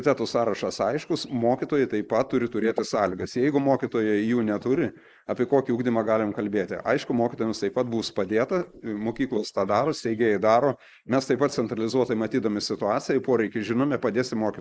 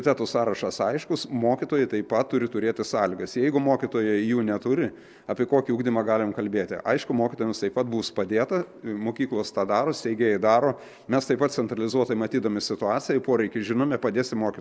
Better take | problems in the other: second | noise reduction (neural mask model Resemble Enhance denoiser)

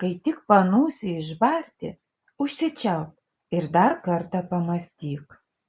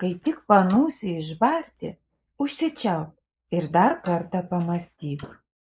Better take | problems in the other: first | noise reduction (neural mask model Resemble Enhance denoiser)

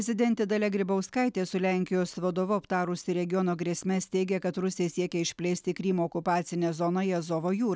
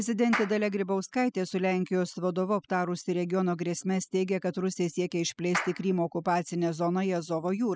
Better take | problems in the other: first | noise reduction (classical method spectral subtraction)

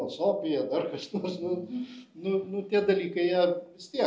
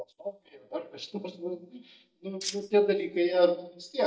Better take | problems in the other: first | noise reduction (neural mask model DeepFilterNet 3)

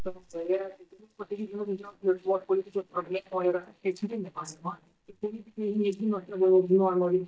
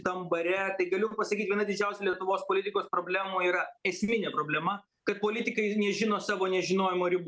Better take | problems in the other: second | noise reduction (neural mask model DeepFilterNet 3)

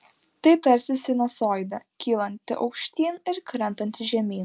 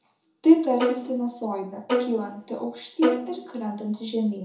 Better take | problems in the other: first | background sound (Bowed string instrument); 2 dB below the speech // room echo; dies away in 0.6 s

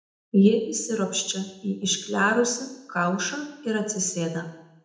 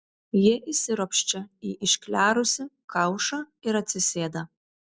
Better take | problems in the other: second | room echo; dies away in 0.8 s

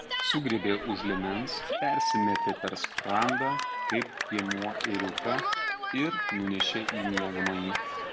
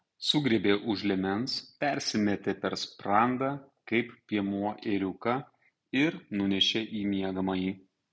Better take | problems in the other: second | background sound (Cheering); as loud as the speech

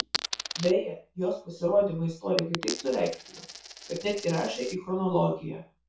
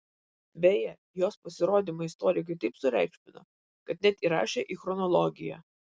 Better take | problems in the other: second | background sound (Coin (dropping)); 10 dB below the speech // room echo; dies away in 0.3 s

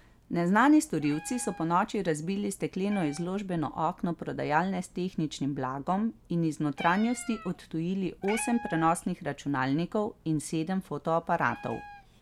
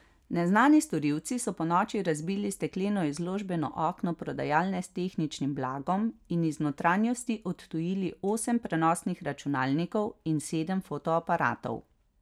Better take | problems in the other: second | background sound (Meow); 19 dB below the speech

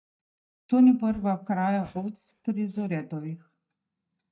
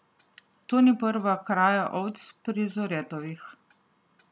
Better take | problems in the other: second | noise reduction (neural mask model DeepFilterNet 3)

